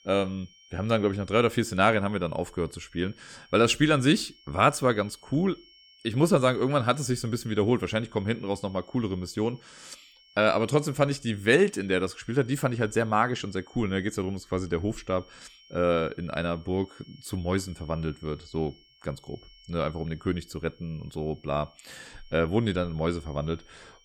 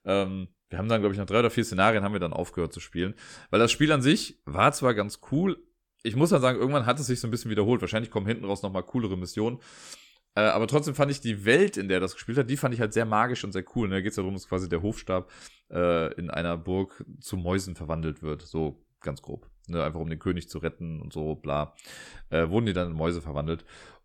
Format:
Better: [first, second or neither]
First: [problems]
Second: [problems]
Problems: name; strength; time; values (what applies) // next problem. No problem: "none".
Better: second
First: high-pitched whine; faint; throughout; 3 kHz, 30 dB below the speech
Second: none